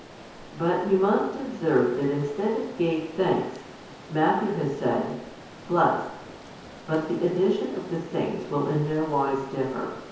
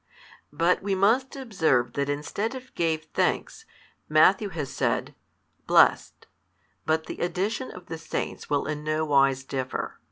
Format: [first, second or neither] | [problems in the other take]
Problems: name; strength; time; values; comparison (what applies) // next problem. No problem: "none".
second | background sound (Stream); 17 dB below the speech // room echo; dies away in 1 s